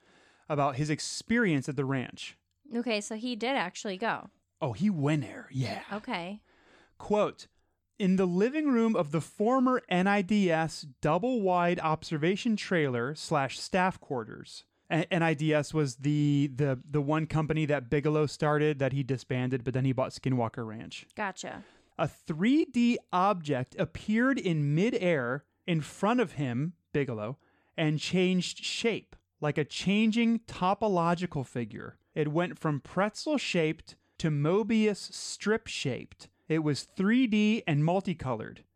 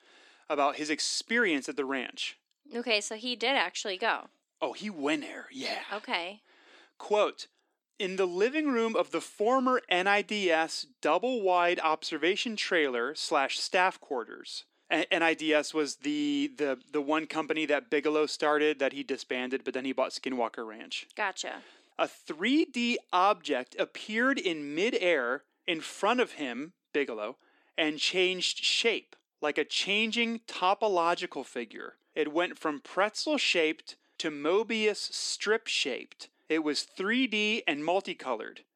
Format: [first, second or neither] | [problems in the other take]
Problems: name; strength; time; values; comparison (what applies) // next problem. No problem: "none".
first | thin; somewhat; fading below 300 Hz